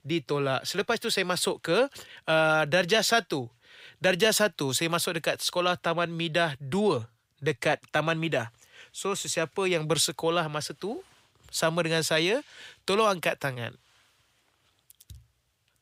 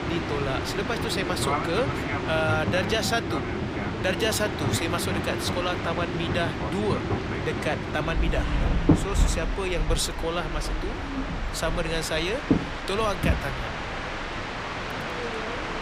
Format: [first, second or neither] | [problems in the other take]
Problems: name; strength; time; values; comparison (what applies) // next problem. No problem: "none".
first | train or aircraft noise; very loud; throughout; as loud as the speech